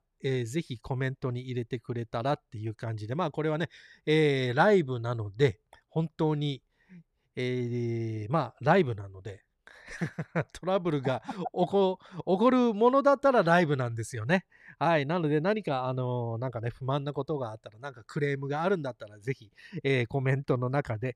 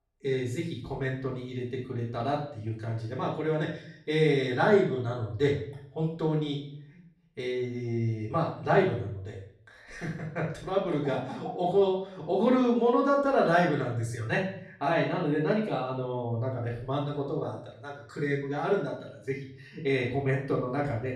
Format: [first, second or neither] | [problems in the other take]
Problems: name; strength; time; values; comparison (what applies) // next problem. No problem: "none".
first | off-mic speech; far // room echo; noticeable; dies away in 0.5 s